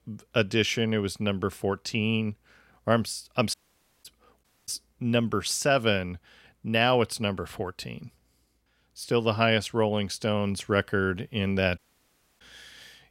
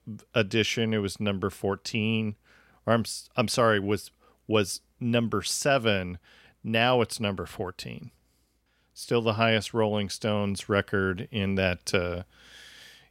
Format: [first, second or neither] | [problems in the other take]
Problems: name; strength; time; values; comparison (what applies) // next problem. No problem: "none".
second | audio cutting out; at 3.5 s for 0.5 s, at 4.5 s and at 12 s for 0.5 s